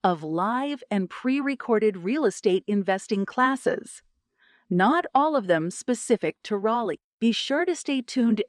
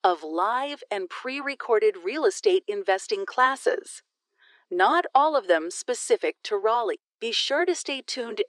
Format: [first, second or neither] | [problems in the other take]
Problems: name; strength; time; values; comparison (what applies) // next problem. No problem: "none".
first | thin; very; fading below 350 Hz